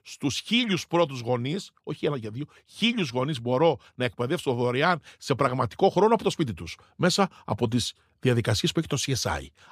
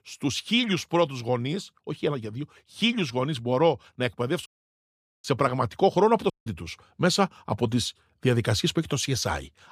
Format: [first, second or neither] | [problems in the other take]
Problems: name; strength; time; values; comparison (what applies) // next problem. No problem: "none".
first | audio cutting out; at 4.5 s for 1 s and at 6.5 s